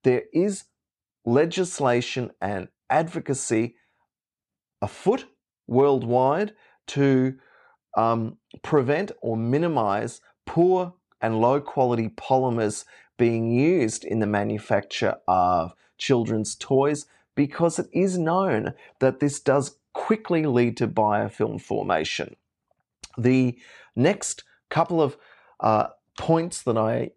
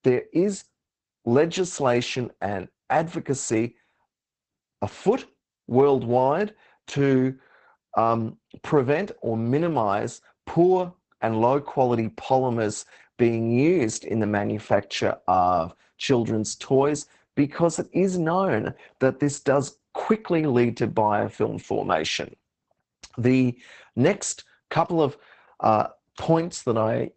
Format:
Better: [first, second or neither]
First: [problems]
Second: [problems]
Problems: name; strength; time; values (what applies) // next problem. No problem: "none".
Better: first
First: none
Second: garbled, watery; badly; nothing above 8 kHz